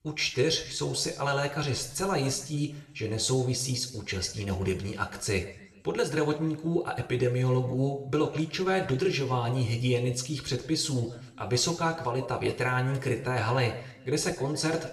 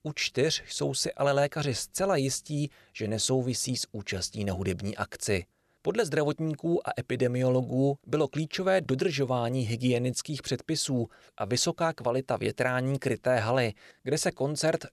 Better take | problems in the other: second | room echo; slight; dies away in 0.6 s // off-mic speech; somewhat distant

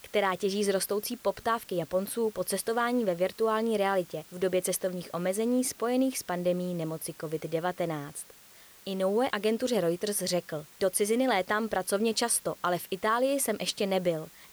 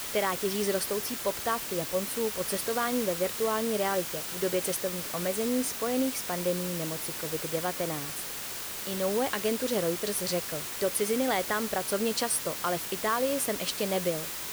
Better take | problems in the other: first | hiss; loud; throughout; 3 dB below the speech; faint in the first

